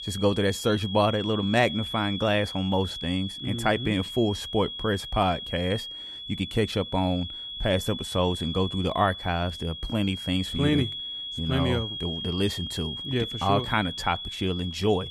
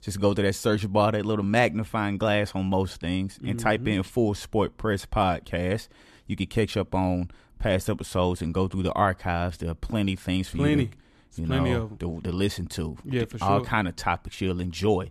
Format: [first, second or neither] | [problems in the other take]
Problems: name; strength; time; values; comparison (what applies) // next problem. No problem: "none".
second | high-pitched whine; loud; throughout; 3.5 kHz, 7 dB below the speech